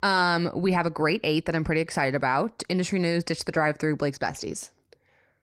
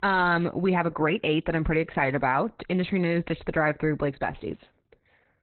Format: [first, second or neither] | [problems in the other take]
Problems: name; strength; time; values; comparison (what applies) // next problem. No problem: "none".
first | garbled, watery; badly; nothing above 4 kHz; slightly in the first